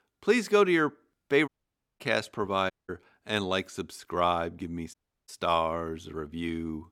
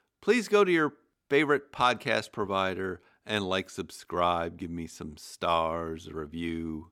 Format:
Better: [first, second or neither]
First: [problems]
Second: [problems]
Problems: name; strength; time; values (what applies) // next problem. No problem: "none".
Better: second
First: audio cutting out; at 1.5 s for 0.5 s, at 2.5 s and at 5 s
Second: none